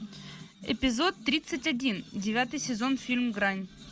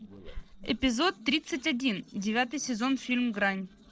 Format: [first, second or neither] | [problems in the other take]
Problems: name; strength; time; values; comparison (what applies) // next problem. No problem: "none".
first | noise reduction (neural separator model SepFormer DNS4)